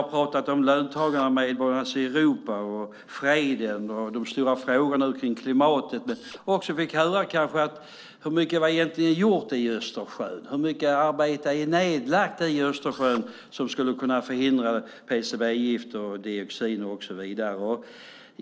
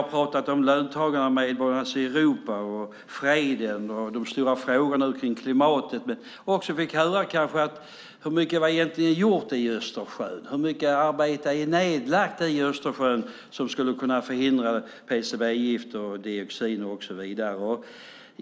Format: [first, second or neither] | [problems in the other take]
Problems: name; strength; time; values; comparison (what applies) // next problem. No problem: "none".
second | noise reduction (neural separator model SepFormer DNS4)